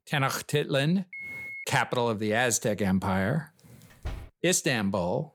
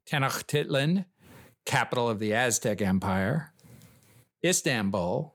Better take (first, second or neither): second